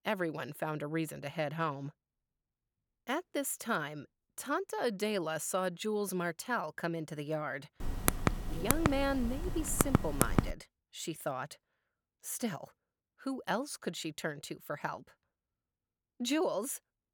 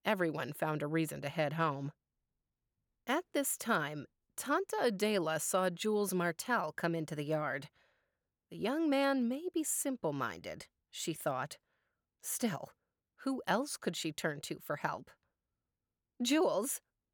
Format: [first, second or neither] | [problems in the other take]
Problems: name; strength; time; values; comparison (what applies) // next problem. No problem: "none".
second | keyboard typing; loud; from 8 to 11 s; peak 5 dB above the speech